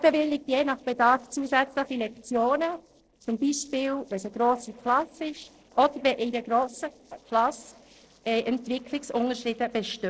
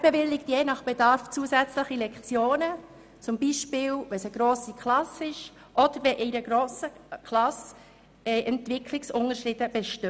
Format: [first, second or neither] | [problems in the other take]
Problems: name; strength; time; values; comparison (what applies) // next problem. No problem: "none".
second | noise reduction (neural separator model SepFormer DNS4)